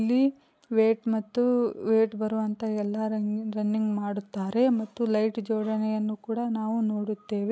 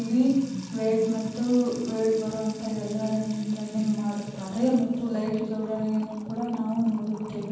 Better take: first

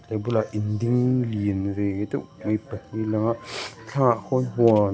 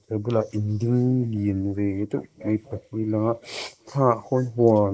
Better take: first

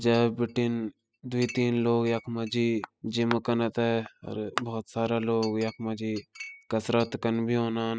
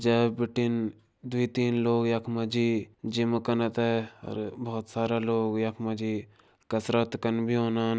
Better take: second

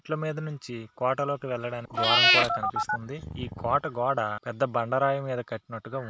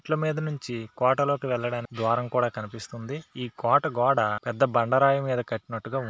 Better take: second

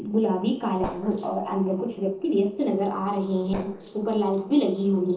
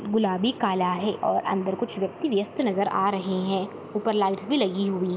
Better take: second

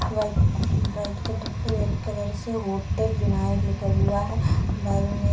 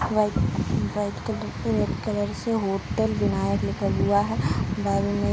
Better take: second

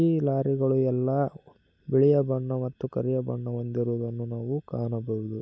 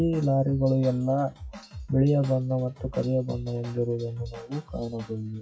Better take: first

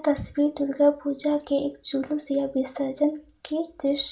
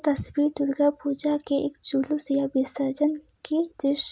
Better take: second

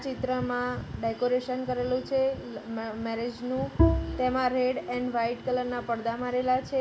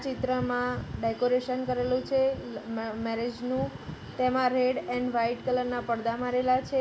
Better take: second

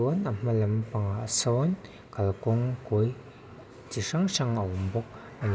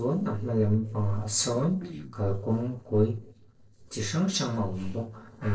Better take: first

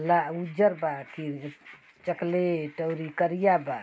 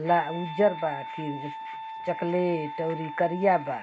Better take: first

